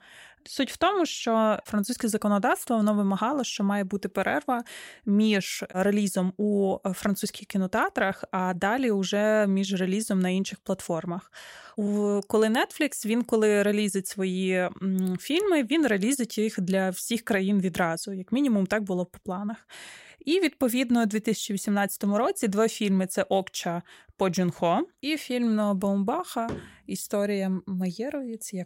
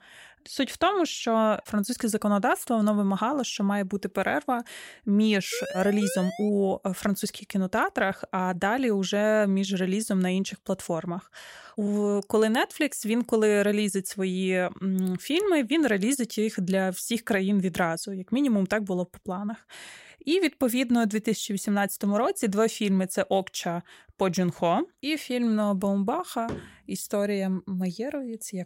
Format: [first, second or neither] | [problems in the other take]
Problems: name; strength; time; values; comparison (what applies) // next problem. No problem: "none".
first | siren; noticeable; at 5.5 s; peak 8 dB below the speech